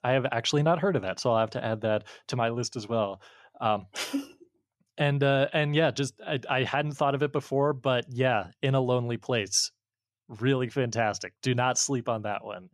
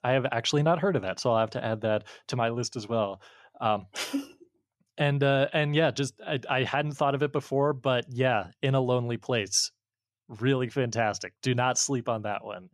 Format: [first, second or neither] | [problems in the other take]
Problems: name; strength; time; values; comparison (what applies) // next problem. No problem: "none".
neither | none